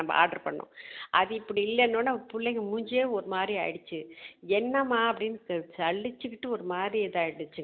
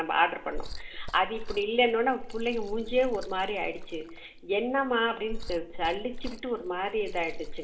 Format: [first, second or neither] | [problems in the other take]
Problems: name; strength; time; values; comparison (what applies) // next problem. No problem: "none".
first | background sound (Liquid); 8 dB below the speech // room echo; dies away in 1.7 s